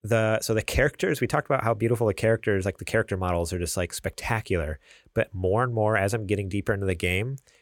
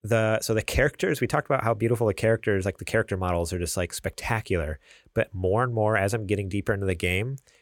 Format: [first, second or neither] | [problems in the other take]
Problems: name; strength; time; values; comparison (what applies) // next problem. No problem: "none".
neither | none